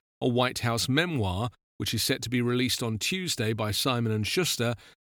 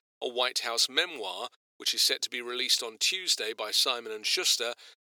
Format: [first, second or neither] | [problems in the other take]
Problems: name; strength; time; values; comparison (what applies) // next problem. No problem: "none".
first | thin; very; fading below 450 Hz